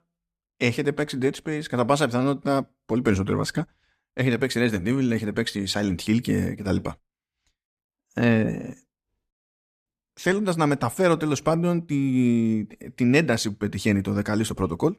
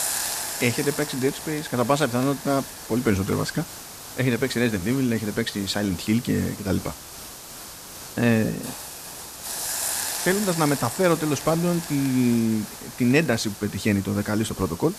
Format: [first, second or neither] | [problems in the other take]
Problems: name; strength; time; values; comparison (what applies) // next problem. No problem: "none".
first | hiss; loud; throughout; 8 dB below the speech